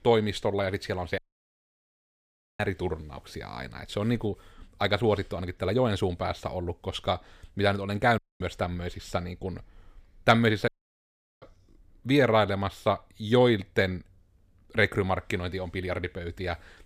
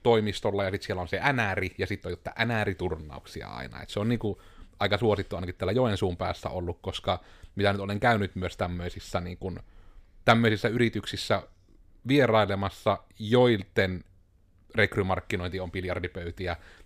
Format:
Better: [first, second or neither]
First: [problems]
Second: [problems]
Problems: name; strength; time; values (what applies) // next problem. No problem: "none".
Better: second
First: audio cutting out; at 1 s for 1.5 s, at 8 s and at 11 s for 0.5 s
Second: none